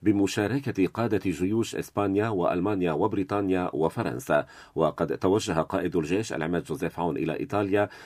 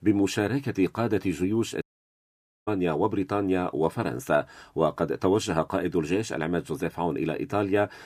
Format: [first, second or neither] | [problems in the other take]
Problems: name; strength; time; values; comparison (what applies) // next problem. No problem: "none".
first | audio cutting out; at 2 s for 1 s